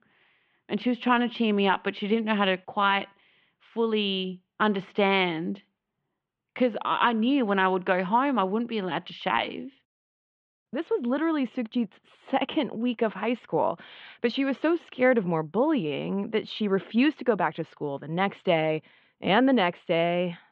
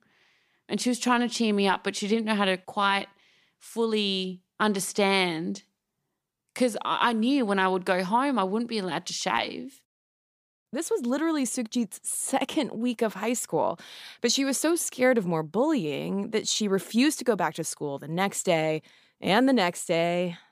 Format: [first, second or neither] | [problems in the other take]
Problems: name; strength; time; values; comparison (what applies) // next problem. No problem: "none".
second | muffled; very; fading above 3 kHz